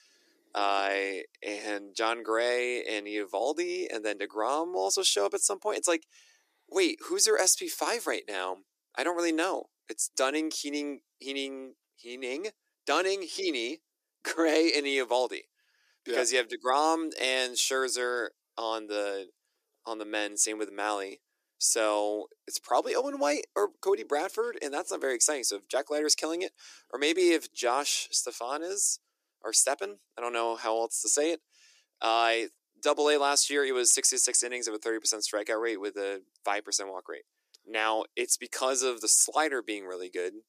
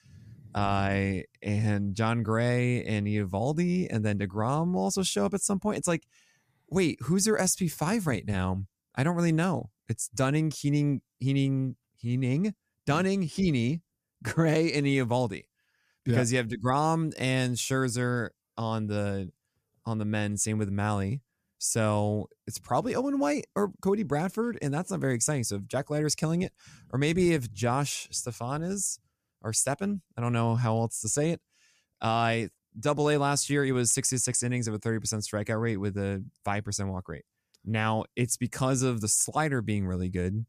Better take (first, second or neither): second